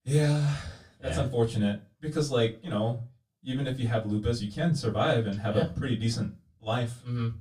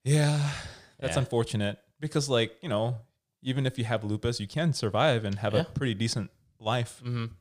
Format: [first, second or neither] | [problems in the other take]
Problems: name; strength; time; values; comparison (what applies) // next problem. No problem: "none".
second | off-mic speech; far // room echo; very slight; dies away in 0.2 s